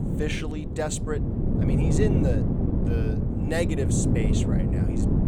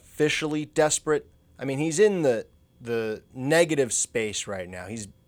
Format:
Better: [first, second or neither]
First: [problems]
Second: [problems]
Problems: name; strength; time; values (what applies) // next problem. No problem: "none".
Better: second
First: wind noise on the microphone; heavy; 1 dB below the speech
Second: none